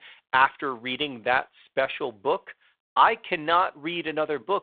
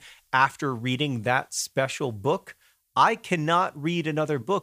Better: second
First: phone-call audio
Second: none

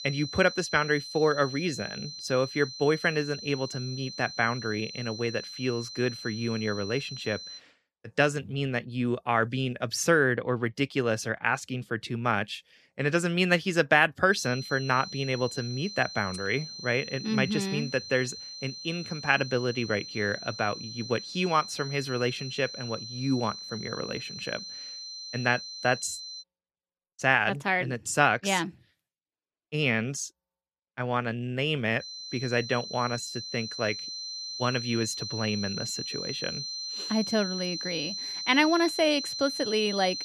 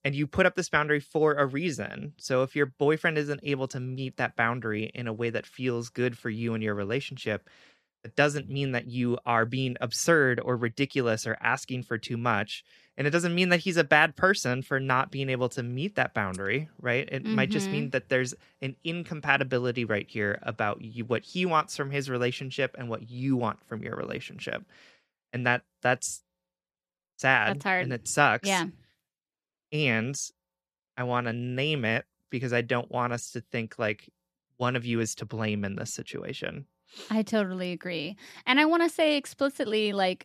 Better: second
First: high-pitched whine; loud; until 7.5 s, from 14 to 26 s and from 32 s on; 4 kHz, 8 dB below the speech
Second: none

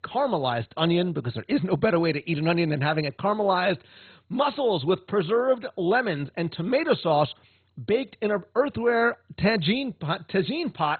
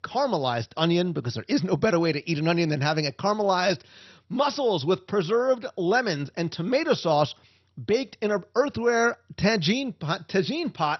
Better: second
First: garbled, watery; badly; nothing above 4 kHz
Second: garbled, watery; slightly; nothing above 6 kHz

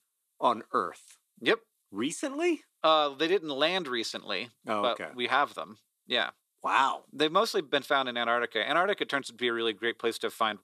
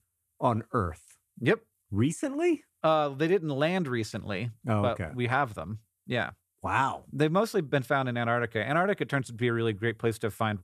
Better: second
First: thin; somewhat; fading below 300 Hz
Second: none

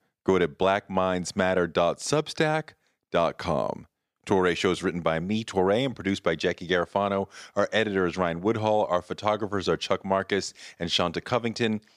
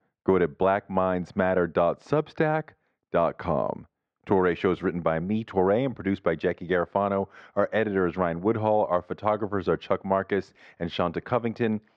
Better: first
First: none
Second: muffled; very; fading above 1.5 kHz

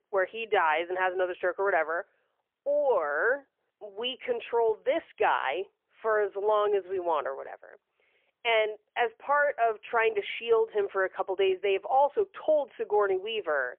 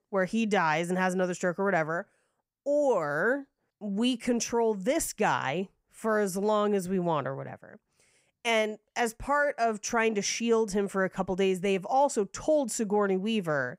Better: second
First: phone-call audio; poor line; nothing above 3 kHz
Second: none

